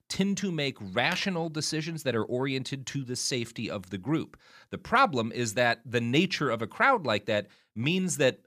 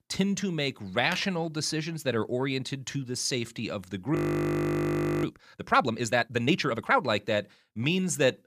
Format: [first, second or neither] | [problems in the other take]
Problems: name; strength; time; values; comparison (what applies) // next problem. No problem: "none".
first | audio freezing; at 4 s for 1 s